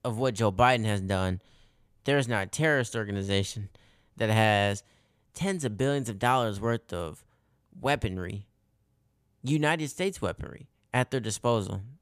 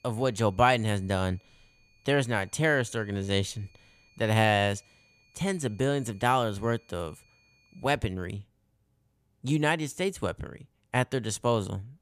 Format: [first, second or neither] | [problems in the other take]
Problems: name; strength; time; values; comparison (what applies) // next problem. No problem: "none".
first | high-pitched whine; faint; until 8 s; 2.5 kHz, 35 dB below the speech